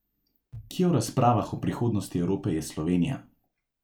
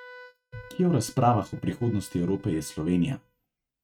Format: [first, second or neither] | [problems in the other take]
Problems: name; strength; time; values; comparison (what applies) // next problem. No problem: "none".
first | noise reduction (neural mask model RNNoise)